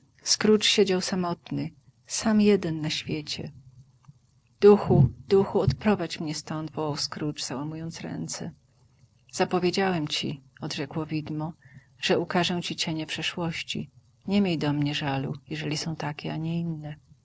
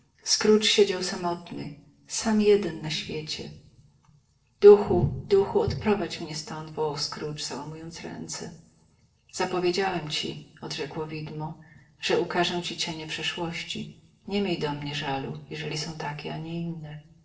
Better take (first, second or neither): first